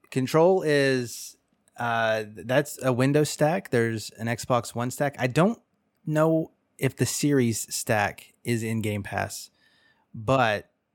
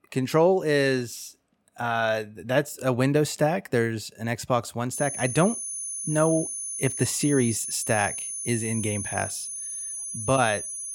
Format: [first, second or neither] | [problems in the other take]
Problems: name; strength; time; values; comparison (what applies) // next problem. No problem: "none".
first | high-pitched whine; loud; from 5 s on; 10 kHz, 5 dB below the speech